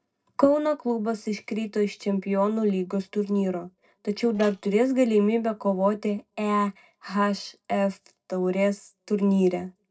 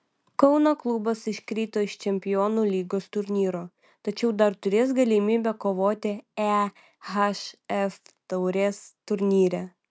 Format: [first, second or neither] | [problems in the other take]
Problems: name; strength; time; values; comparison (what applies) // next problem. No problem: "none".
second | noise reduction (neural separator model SepFormer DNS4)